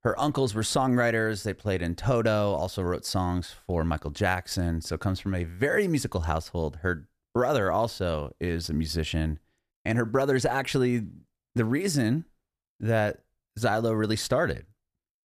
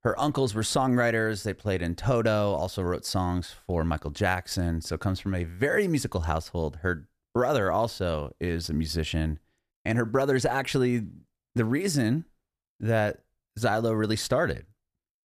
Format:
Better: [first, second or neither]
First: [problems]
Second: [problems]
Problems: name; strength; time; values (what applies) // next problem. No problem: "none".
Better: neither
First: none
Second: none